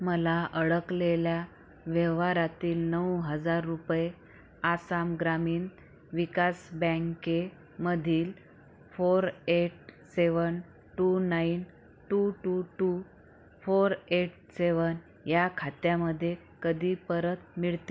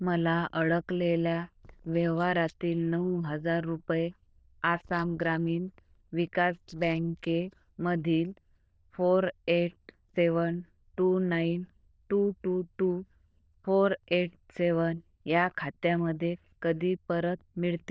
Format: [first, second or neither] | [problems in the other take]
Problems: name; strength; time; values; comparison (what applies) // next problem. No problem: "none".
first | noise reduction (neural diffusion model UNIVERSE++)